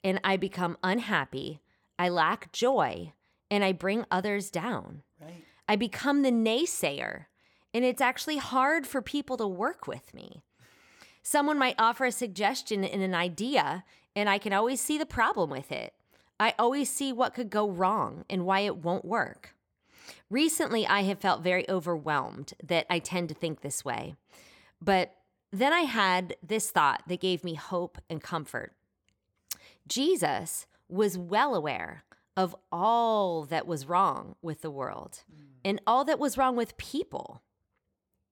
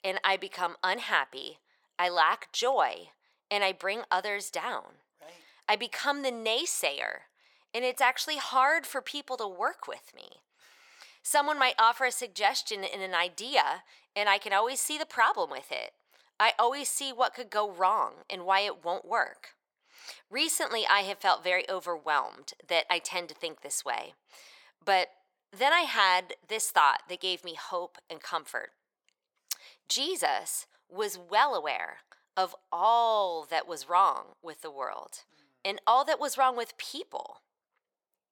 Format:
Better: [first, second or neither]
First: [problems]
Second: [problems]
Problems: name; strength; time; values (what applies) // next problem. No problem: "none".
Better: first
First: none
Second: thin; very; fading below 700 Hz